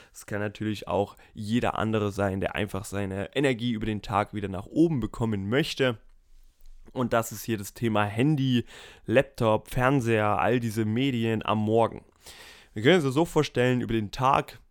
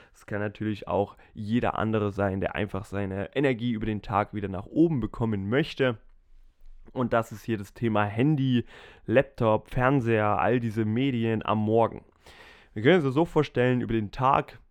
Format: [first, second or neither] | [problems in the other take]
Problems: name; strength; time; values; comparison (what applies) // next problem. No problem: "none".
first | muffled; slightly; fading above 4 kHz